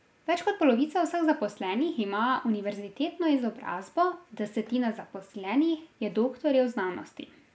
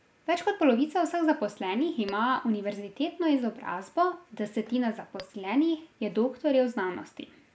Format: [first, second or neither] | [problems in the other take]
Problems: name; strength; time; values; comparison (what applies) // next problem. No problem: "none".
first | background sound (Tap / Glass); 19 dB below the speech